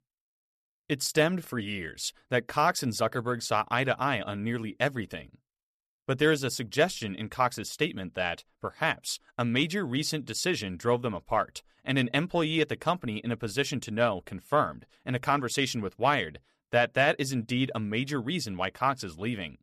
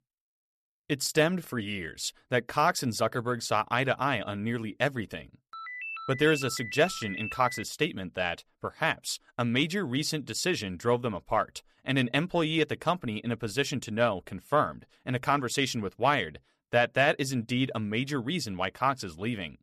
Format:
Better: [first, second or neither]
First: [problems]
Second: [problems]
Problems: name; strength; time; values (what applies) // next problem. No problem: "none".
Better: first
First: none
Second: phone ringing; noticeable; from 5.5 to 7.5 s; peak 7 dB below the speech